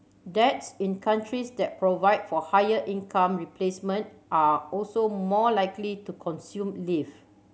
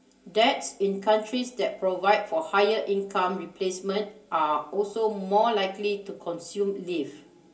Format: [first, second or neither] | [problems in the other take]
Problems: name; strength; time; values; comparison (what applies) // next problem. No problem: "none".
first | room echo; dies away in 0.3 s